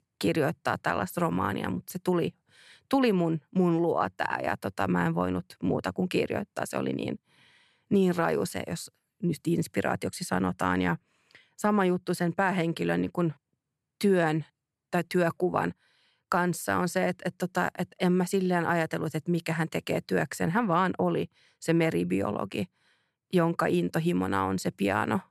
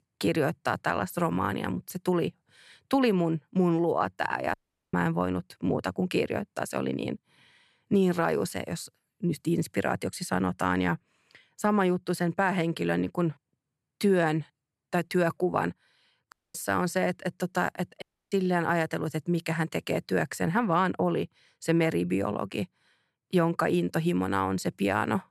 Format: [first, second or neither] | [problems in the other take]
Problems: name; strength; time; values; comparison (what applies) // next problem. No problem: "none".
first | audio cutting out; at 4.5 s, at 16 s and at 18 s